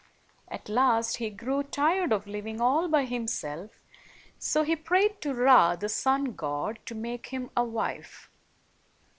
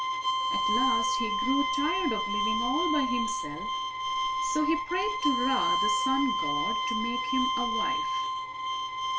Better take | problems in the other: first | background sound (Bowed string instrument); 4 dB above the speech // room echo; dies away in 0.2 s

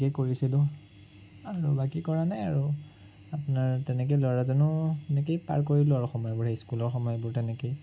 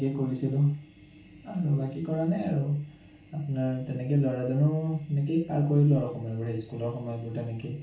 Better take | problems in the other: first | room echo; dies away in 0.3 s

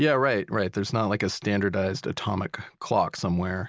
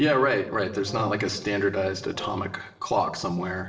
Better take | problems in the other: first | noise reduction (neural separator model SepFormer DNS4)

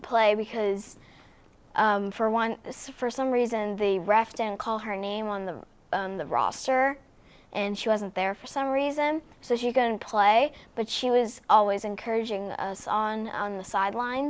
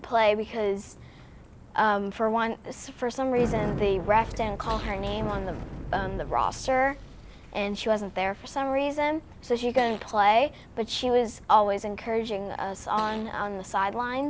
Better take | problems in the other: first | background sound (Fart + Bicycle); 12 dB below the speech

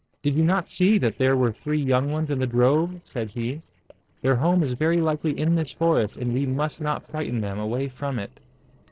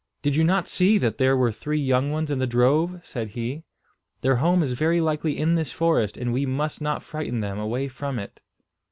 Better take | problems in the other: second | noise reduction (neural separator model SepFormer DNS4)

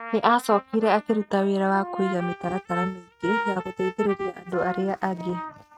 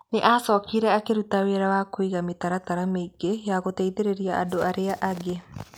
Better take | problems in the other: second | noise reduction (neural mask model RNNoise)

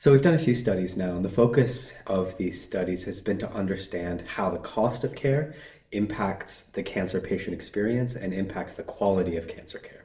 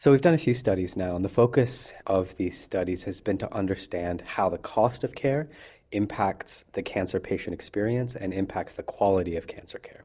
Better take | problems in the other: second | room echo; dies away in 0.5 s

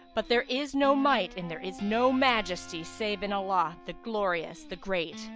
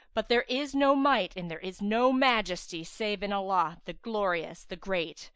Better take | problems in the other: second | background sound (Guitar); 18 dB below the speech

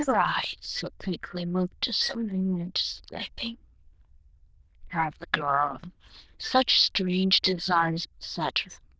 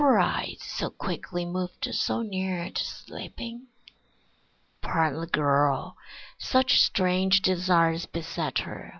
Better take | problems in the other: second | noise reduction (neural diffusion model UNIVERSE++)

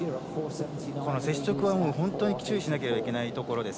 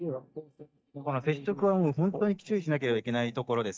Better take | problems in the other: first | noise reduction (neural mask model DeepFilterNet 3)

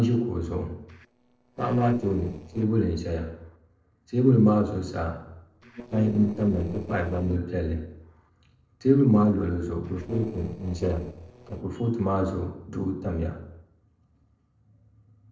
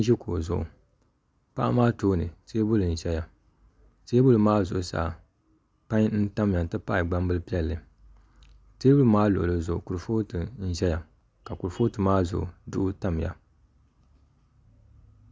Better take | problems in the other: second | noise reduction (neural separator model SepFormer DNS4)

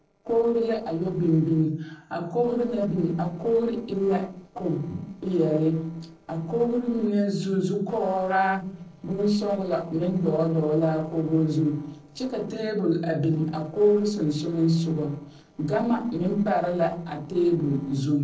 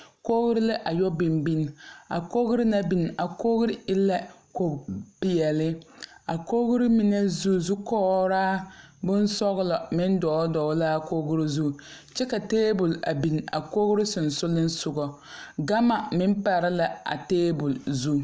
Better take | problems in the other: second | noise reduction (neural separator model SepFormer DNS4)

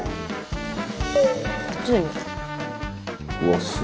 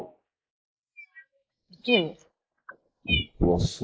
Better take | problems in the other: first | noise reduction (neural mask model Resemble Enhance denoiser)

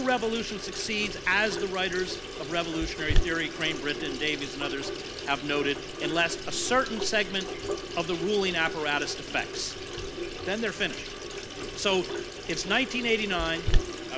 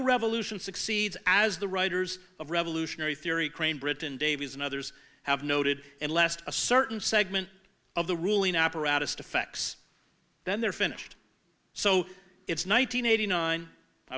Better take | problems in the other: second | background sound (Sink (filling or washing) / Water tap, faucet); 2 dB below the speech

